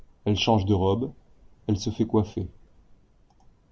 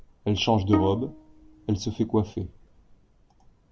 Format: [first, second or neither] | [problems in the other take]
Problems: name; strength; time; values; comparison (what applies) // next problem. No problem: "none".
first | background sound (Bowed string instrument); 4 dB below the speech